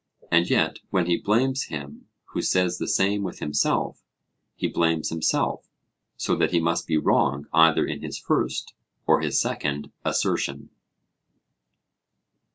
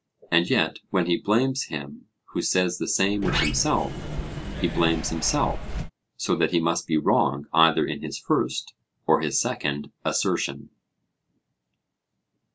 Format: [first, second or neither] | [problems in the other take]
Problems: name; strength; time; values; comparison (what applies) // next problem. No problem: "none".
first | background sound (Sliding door); 4 dB below the speech